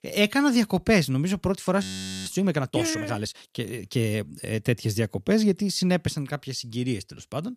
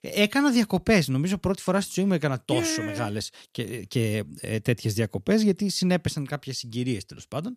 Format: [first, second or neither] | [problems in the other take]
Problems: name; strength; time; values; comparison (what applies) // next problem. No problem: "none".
second | audio freezing; at 2 s